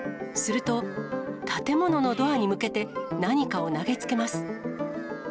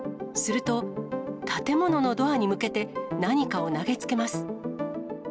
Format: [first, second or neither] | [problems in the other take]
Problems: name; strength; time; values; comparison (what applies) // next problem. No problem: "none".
second | background sound (Livestock, farm animals, working animals); 18 dB below the speech